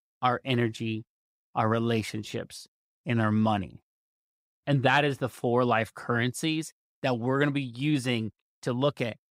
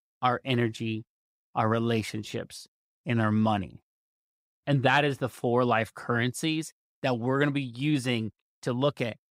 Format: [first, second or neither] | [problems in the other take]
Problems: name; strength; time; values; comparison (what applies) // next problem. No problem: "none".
neither | none